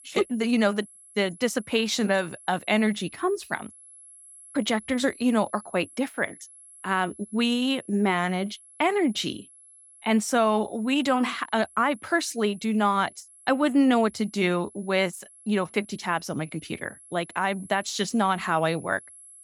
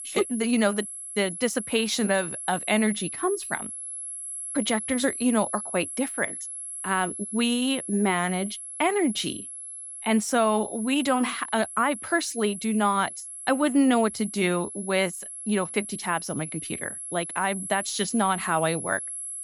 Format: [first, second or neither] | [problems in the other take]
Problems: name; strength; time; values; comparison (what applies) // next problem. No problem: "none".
first | high-pitched whine; loud; throughout; 11 kHz, 8 dB below the speech; faint in the first